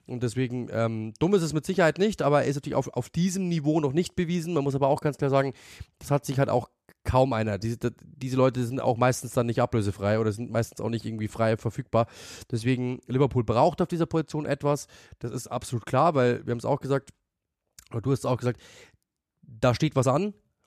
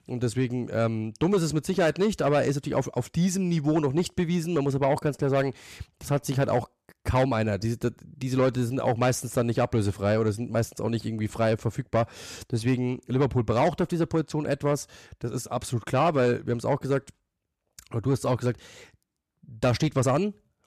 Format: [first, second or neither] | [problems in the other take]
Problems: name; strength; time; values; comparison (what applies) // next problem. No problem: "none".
first | distortion; slight; 10 dB below the speech